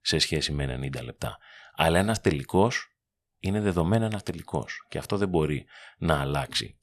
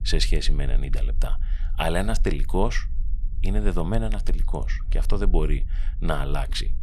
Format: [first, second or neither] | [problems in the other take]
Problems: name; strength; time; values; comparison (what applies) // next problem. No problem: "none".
first | low rumble; faint; throughout; 25 dB below the speech